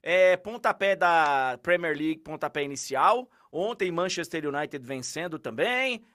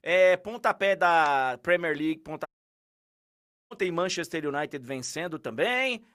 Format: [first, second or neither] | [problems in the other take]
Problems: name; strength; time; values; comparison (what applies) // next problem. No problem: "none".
first | audio cutting out; at 2.5 s for 1 s